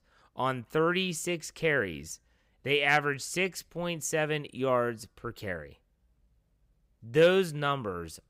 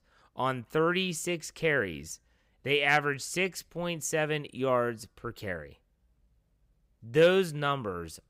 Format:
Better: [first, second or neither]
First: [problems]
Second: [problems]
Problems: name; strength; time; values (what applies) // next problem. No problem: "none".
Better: neither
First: none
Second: none